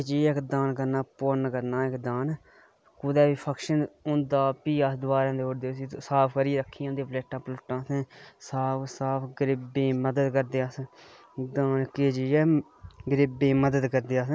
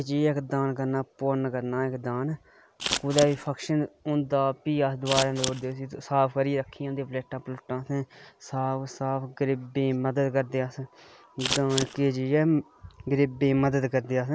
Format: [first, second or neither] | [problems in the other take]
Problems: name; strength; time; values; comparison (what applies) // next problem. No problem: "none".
first | background sound (Scissors); 4 dB below the speech